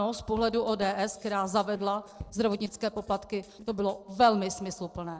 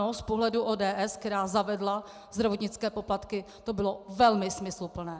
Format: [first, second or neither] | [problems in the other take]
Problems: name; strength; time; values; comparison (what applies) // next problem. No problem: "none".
second | noise reduction (neural separator model SepFormer DNS4)